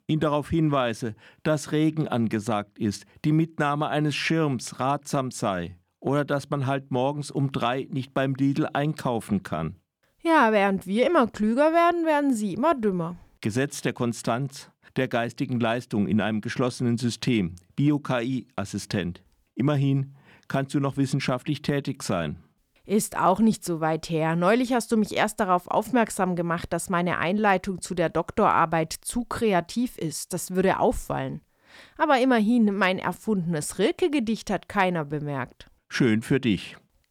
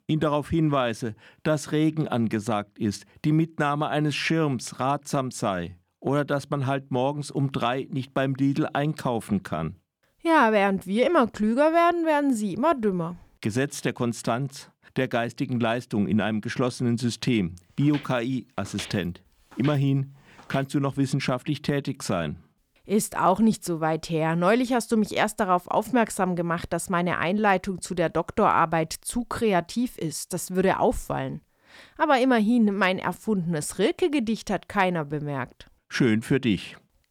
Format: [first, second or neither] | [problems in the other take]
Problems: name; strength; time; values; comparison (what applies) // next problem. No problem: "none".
first | footsteps; faint; from 18 to 21 s; peak 15 dB below the speech